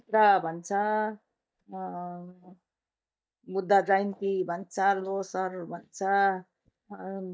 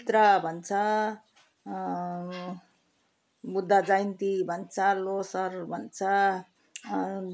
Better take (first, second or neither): second